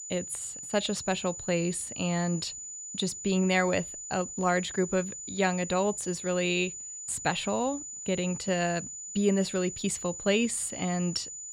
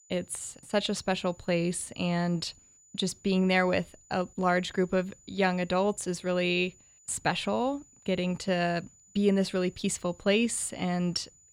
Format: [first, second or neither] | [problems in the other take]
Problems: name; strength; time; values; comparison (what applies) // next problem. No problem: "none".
second | high-pitched whine; loud; throughout; 7 kHz, 8 dB below the speech; faint in the second